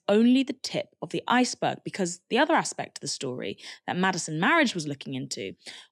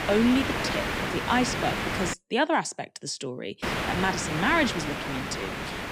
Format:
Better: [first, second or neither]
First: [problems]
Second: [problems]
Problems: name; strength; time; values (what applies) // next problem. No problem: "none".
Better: first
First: none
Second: hiss; loud; until 2 s and from 3.5 s on; 2 dB below the speech